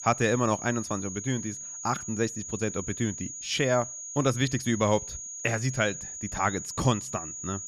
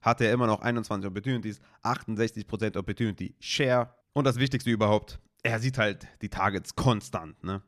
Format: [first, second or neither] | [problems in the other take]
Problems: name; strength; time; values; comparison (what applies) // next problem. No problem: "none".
second | high-pitched whine; loud; throughout; 6.5 kHz, 7 dB below the speech